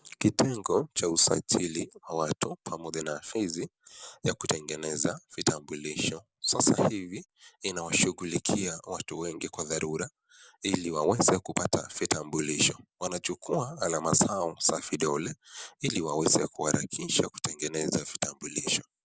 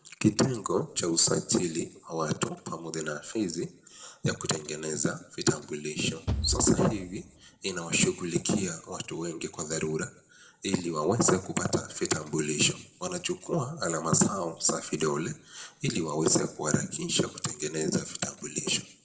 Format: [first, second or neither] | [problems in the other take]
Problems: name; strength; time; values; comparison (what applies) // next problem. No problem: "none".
first | background sound (Bass drum / Thump, thud); 5 dB below the speech // room echo; dies away in 0.6 s